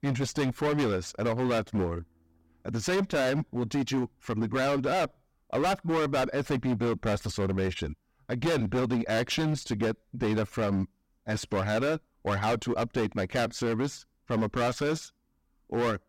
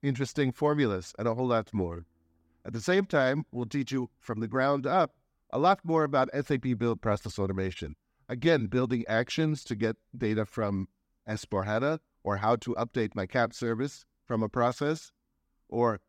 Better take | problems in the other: second | distortion; heavy; 18% of the sound clipped

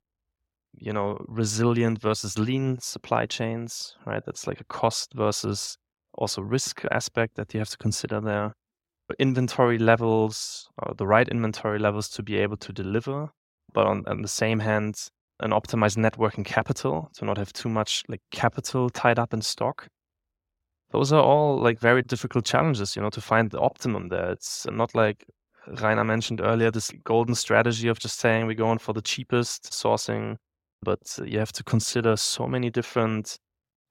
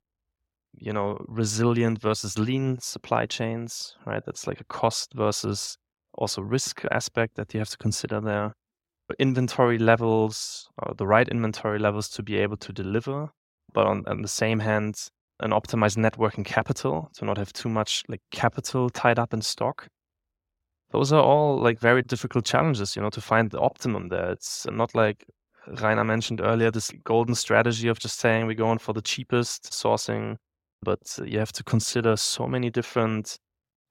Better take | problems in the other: neither | none

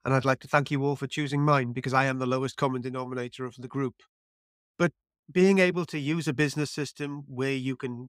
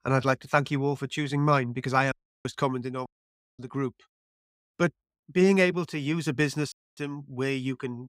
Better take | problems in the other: first | audio cutting out; at 2 s, at 3 s for 0.5 s and at 6.5 s

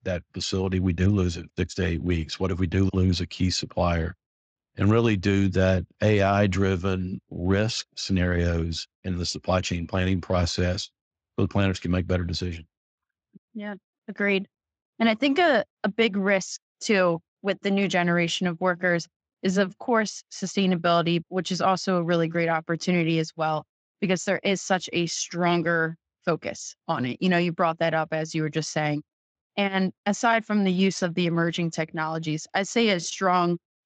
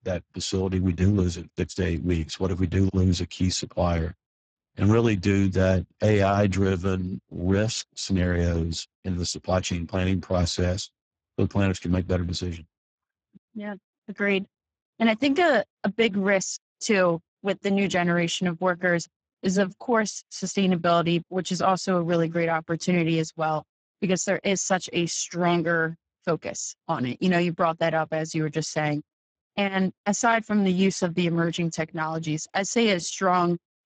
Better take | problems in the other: first | garbled, watery; badly; nothing above 7.5 kHz; slightly in the first

